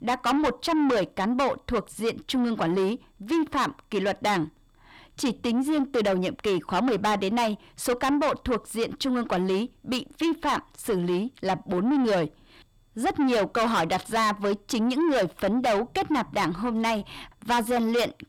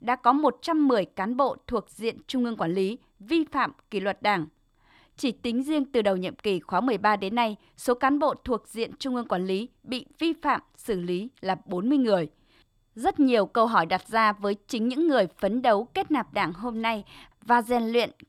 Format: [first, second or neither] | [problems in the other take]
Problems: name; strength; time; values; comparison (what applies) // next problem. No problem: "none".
second | distortion; heavy; 7 dB below the speech